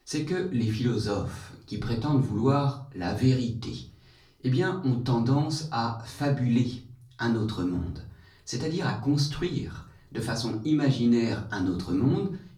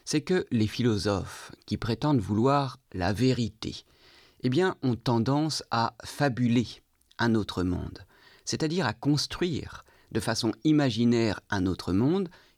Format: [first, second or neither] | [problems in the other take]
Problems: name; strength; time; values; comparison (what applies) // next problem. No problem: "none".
second | room echo; slight; dies away in 0.4 s // off-mic speech; far